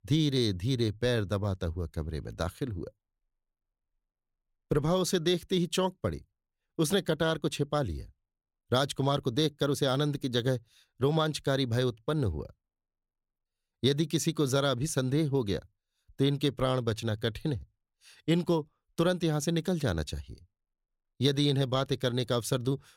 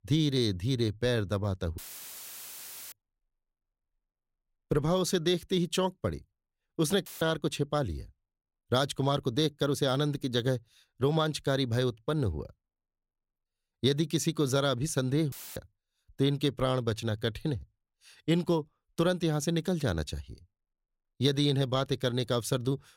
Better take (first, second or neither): first